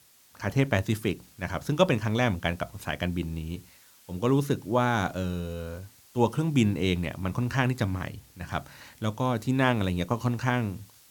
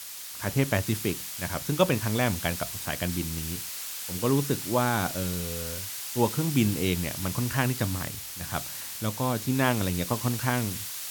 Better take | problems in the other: first | hiss; loud; throughout; 5 dB below the speech; faint in the first

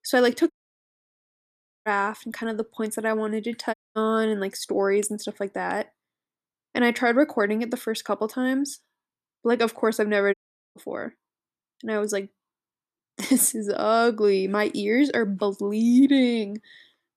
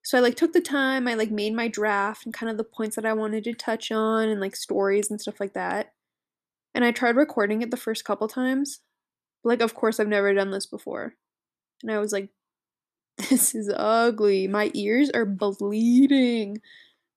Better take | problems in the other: second | audio cutting out; at 0.5 s for 1.5 s, at 3.5 s and at 10 s

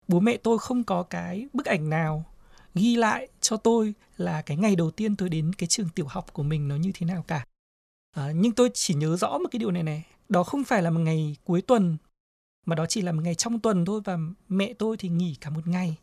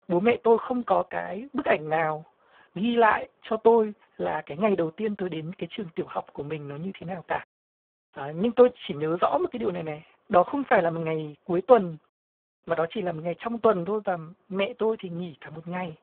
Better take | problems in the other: first | phone-call audio; poor line

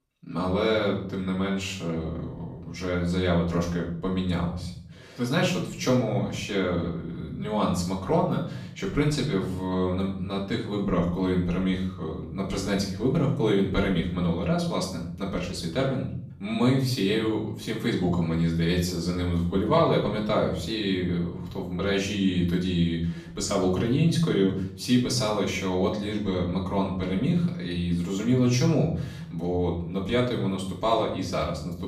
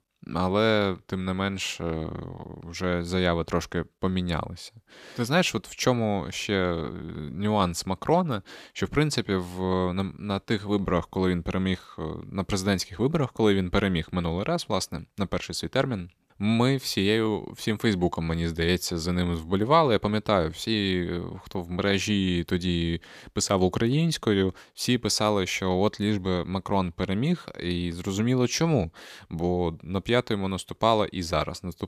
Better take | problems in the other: second | off-mic speech; far // room echo; noticeable; dies away in 0.7 s

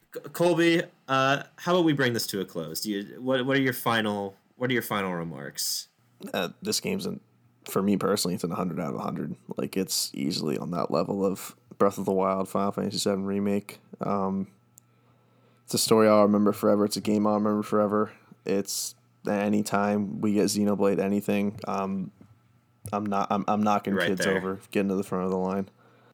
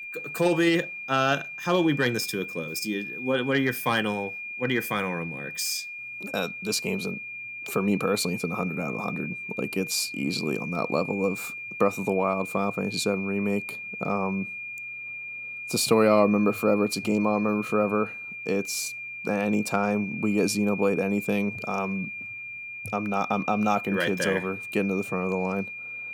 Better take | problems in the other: first | high-pitched whine; loud; throughout; 2.5 kHz, 8 dB below the speech

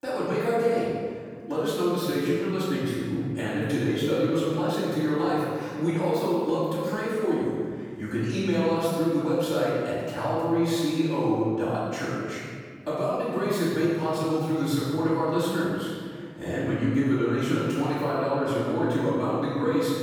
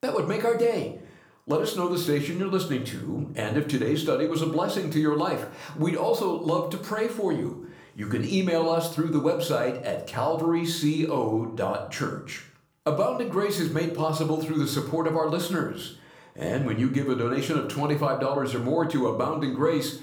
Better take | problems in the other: second | room echo; strong; dies away in 1.8 s; slight in the second // off-mic speech; far; somewhat distant in the second

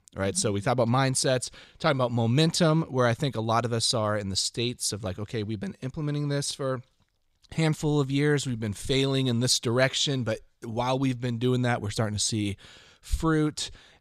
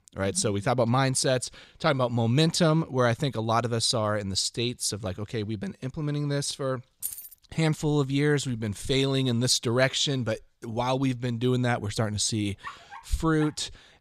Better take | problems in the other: first | jangling keys; noticeable; at 7 s; peak 8 dB below the speech // dog barking; faint; at 13 s; peak 15 dB below the speech

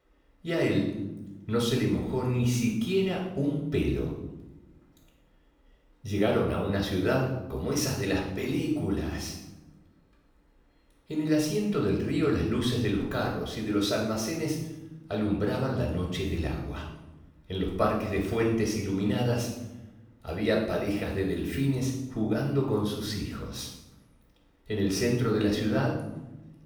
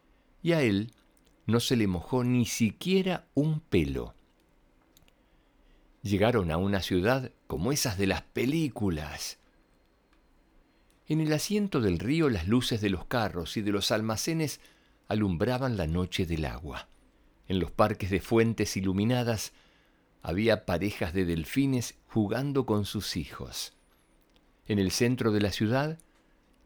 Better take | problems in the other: second | off-mic speech; far // room echo; noticeable; dies away in 0.8 s

